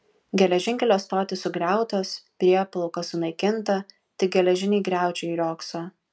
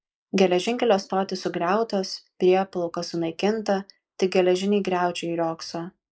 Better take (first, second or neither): first